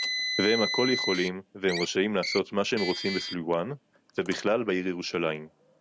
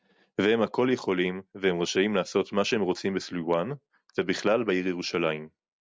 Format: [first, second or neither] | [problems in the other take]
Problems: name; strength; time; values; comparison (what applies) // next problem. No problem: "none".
second | background sound (Car); 6 dB below the speech